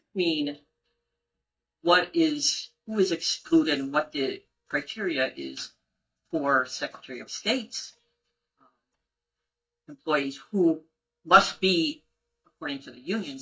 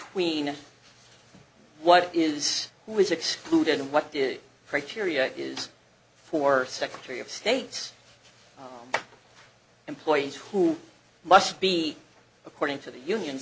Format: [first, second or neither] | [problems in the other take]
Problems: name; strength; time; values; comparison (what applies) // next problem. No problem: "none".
second | noise reduction (neural mask model DeepFilterNet 3)